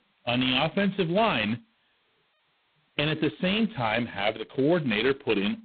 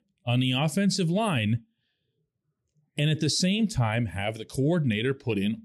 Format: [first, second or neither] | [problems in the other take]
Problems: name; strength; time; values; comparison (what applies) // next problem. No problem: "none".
second | phone-call audio; poor line; nothing above 3.5 kHz